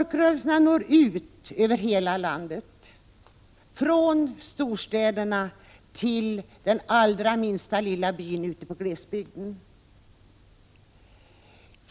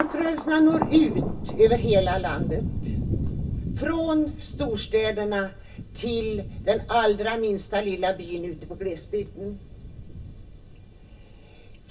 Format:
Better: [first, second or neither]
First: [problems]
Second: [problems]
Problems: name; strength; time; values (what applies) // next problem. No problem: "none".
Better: first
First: none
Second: background sound (Thunder); 6 dB below the speech // room echo; dies away in 0.1 s